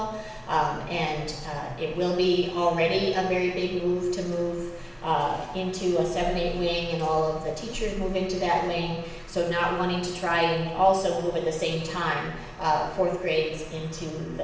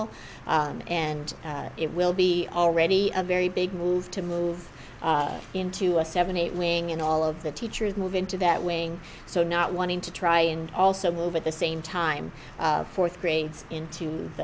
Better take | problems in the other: second | room echo; dies away in 0.9 s

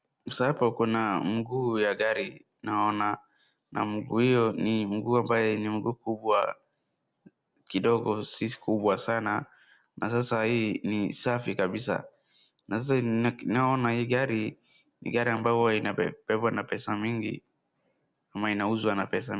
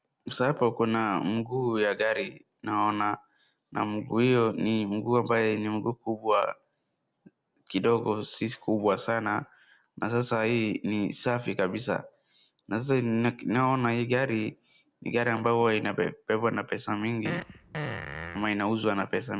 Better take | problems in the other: first | background sound (Fart); 9 dB below the speech

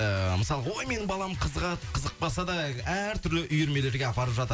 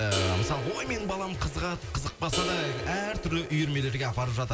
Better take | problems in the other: first | background sound (Crash cymbal); 7 dB below the speech

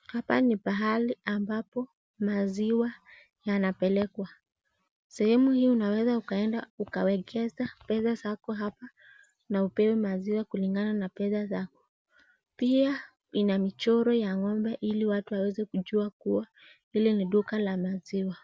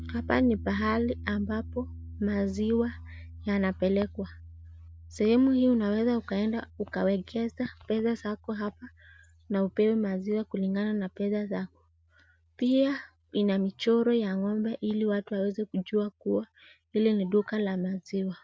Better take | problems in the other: first | background sound (Piano); 18 dB below the speech

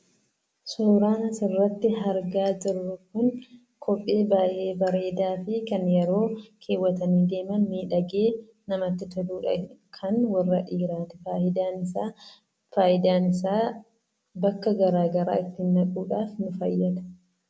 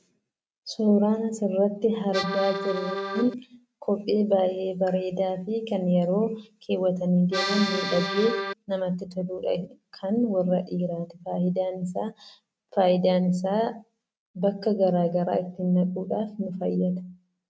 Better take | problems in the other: first | noise reduction (neural mask model RNNoise)

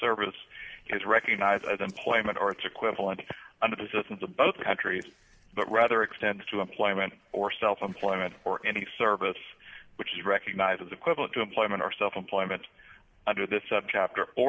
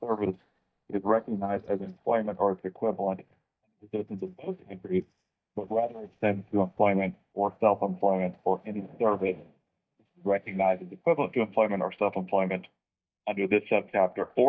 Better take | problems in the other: first | noise reduction (neural mask model DeepFilterNet 3)

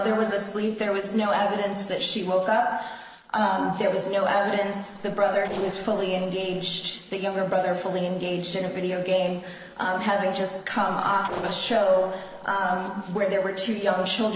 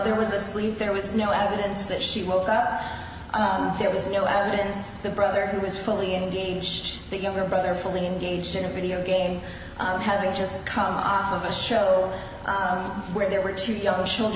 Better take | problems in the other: second | noise reduction (neural separator model SepFormer DNS4)

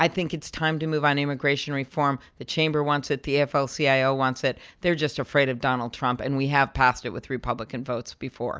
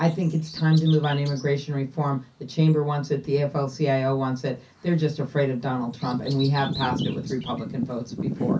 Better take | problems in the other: first | background sound (Bird vocalization, bird call, bird song); 11 dB below the speech // room echo; dies away in 0.3 s

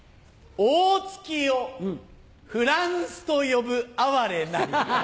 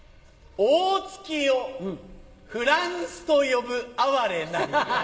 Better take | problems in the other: first | room echo; dies away in 2.9 s

